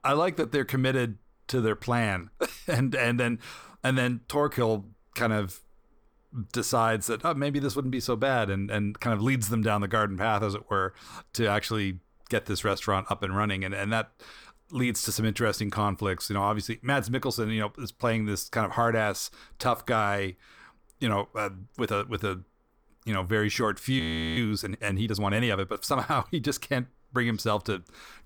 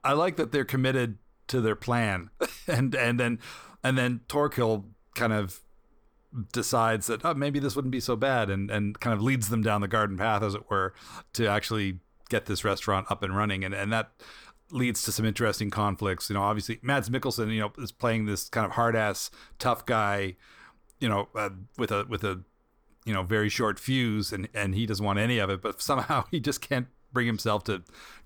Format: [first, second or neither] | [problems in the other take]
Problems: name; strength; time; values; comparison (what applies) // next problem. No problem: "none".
second | audio freezing; at 24 s